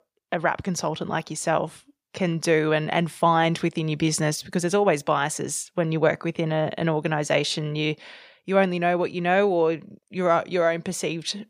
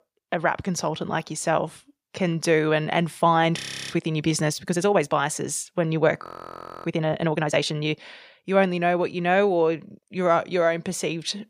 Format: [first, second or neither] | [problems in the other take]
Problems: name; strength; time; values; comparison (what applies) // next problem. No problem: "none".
first | audio freezing; at 3.5 s and at 6 s for 0.5 s